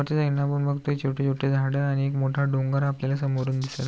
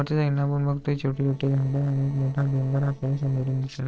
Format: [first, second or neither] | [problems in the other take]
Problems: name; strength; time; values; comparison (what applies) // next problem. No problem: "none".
first | noise reduction (neural separator model SepFormer DNS4)